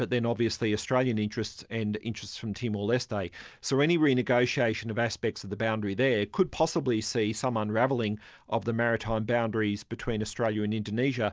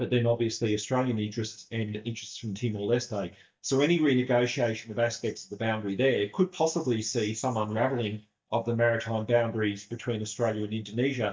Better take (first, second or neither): first